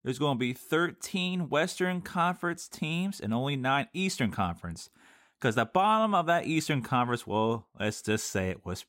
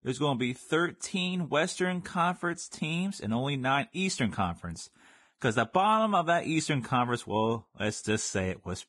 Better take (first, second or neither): first